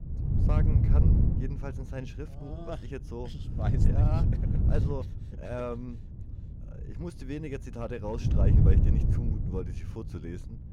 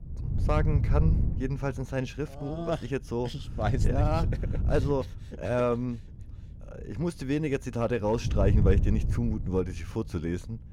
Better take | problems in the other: second | wind noise on the microphone; heavy; 1 dB above the speech; occasional gusts in the second

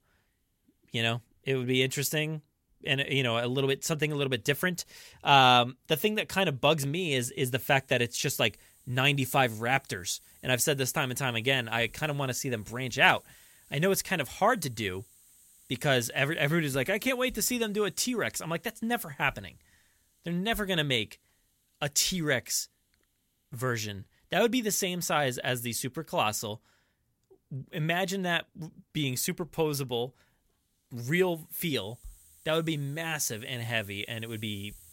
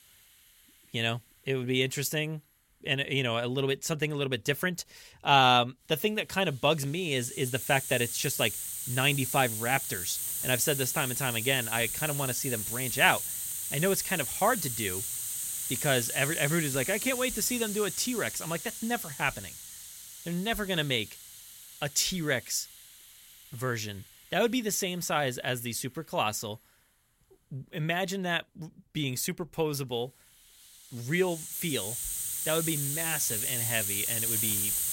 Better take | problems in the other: first | hiss; loud; throughout; 3 dB below the speech; faint in the first

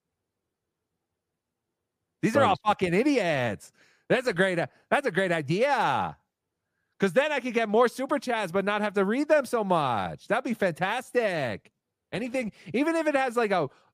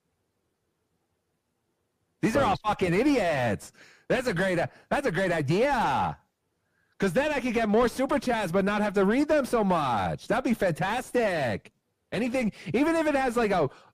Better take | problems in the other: first | distortion; heavy; 6 dB below the speech

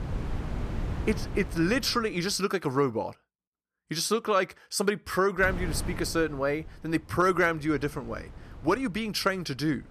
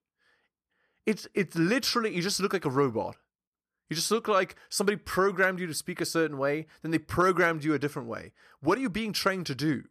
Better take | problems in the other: second | wind noise on the microphone; occasional gusts; until 2.5 s and from 5.5 s on; 15 dB below the speech

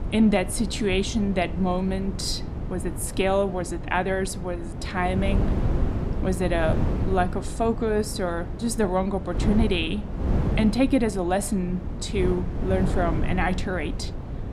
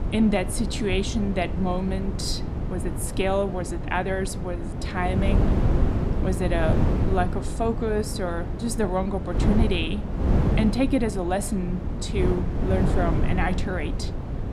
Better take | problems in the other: first | wind noise on the microphone; heavy; 6 dB below the speech; occasional gusts in the first

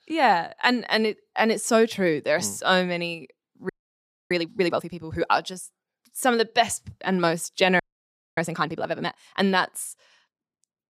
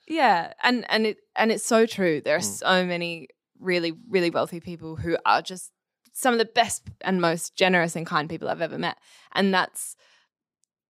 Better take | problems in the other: second | audio freezing; at 3.5 s for 0.5 s and at 8 s for 0.5 s

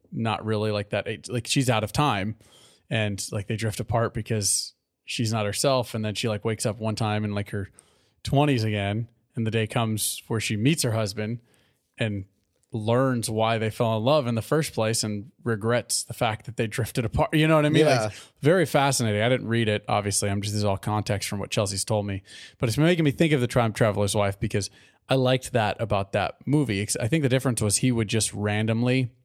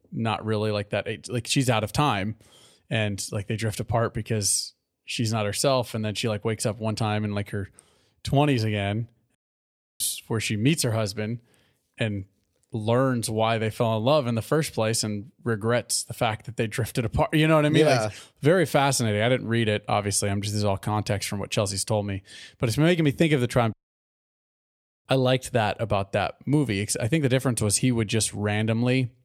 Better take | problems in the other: first | audio cutting out; at 9.5 s for 0.5 s and at 24 s for 1.5 s

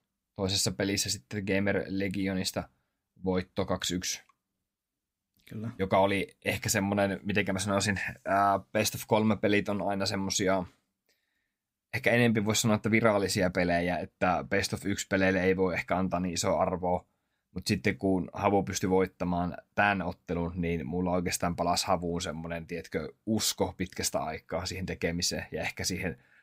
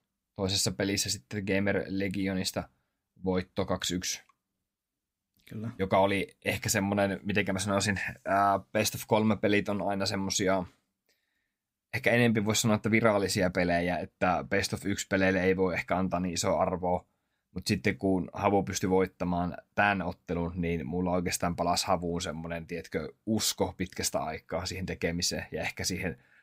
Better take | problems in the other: neither | none

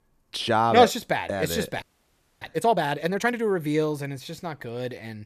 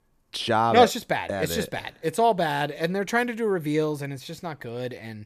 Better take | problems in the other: second | audio freezing; at 2 s for 0.5 s

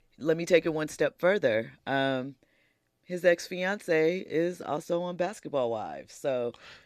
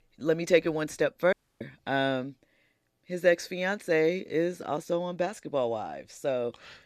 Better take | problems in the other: first | audio cutting out; at 1.5 s

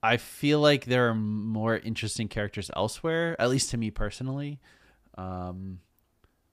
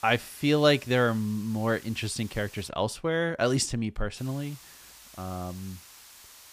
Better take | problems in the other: first | hiss; faint; until 2.5 s and from 4 s on; 20 dB below the speech

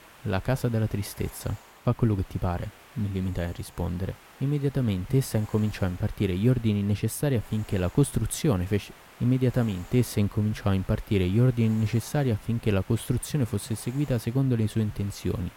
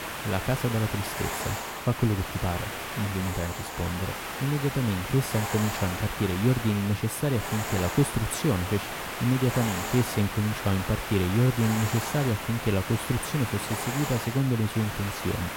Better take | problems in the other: first | hiss; loud; throughout; 5 dB below the speech; faint in the first

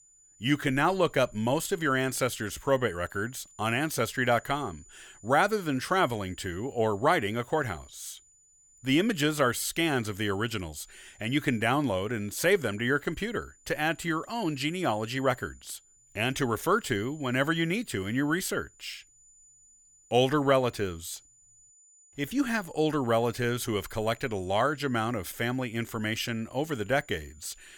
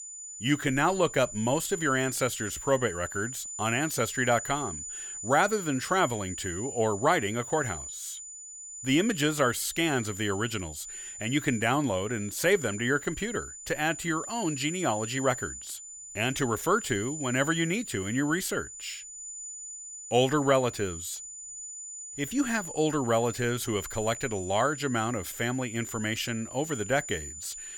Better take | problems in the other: first | high-pitched whine; loud; throughout; 7 kHz, 10 dB below the speech; faint in the first

